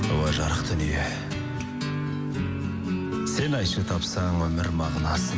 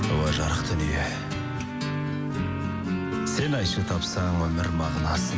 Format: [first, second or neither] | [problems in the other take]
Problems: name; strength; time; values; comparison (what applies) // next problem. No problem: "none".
first | background sound (Trumpet); 15 dB below the speech